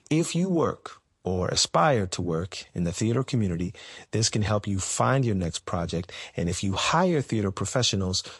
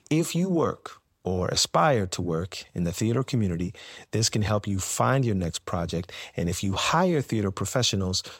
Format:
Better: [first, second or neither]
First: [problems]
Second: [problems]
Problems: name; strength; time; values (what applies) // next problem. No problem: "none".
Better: second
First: garbled, watery; slightly; nothing above 11 kHz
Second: none